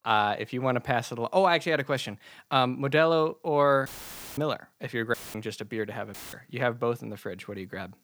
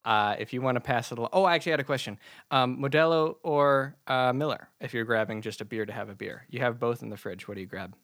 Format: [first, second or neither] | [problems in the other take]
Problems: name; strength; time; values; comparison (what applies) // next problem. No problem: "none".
second | audio cutting out; filled with static; at 4 s for 0.5 s, at 5 s and at 6 s